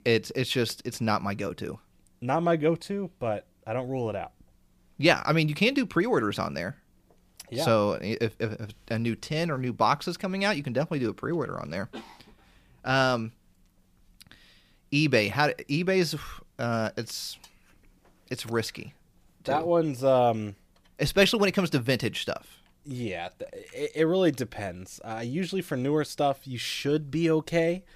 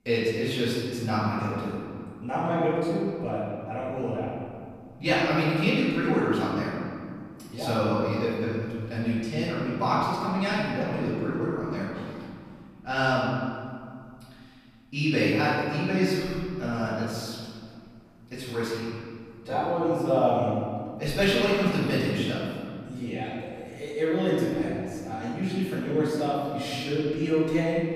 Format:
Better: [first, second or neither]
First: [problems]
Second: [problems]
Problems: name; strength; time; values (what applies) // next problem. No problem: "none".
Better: first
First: none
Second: off-mic speech; far // room echo; strong; dies away in 2.1 s